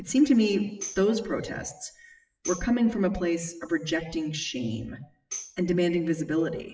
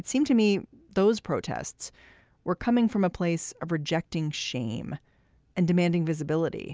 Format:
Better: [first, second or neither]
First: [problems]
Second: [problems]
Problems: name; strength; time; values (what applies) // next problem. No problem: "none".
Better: second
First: noise reduction (classical method WPE with log-MMSE)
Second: none